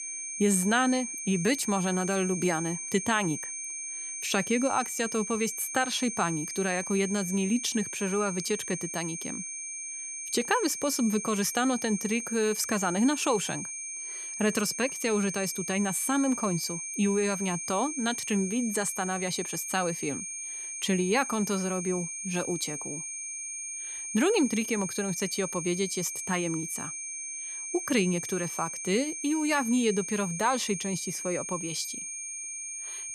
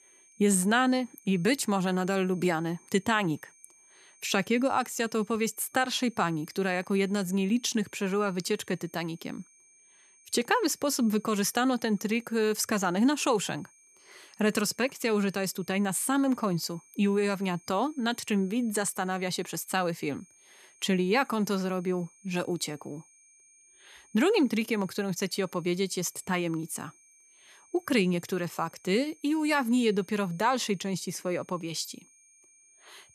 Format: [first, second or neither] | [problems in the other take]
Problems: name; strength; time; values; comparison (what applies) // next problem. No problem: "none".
second | high-pitched whine; loud; throughout; 6.5 kHz, 5 dB below the speech; faint in the second